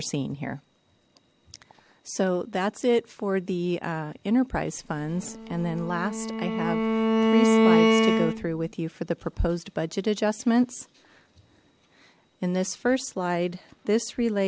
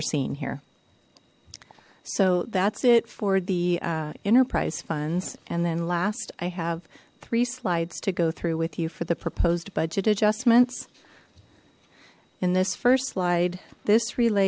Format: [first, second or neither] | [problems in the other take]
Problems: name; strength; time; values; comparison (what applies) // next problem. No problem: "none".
second | background sound (Bowed string instrument); 5 dB above the speech